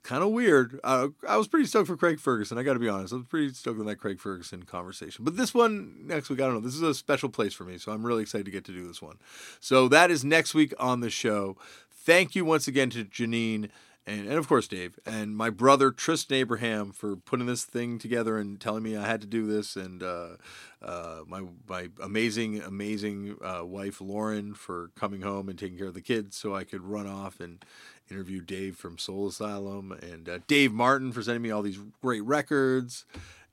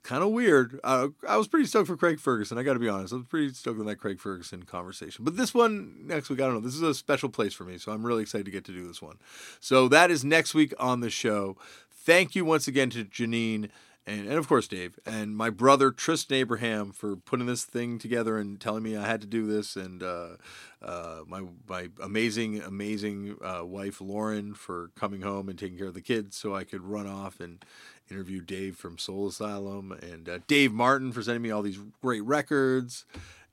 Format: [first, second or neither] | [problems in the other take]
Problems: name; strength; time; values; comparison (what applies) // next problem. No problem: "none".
neither | none